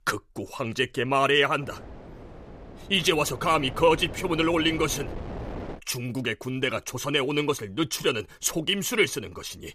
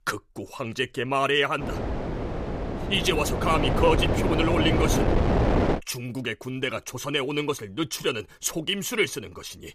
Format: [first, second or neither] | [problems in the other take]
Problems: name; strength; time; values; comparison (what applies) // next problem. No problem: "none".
first | wind noise on the microphone; heavy; from 1.5 to 6 s; 2 dB below the speech; occasional gusts in the first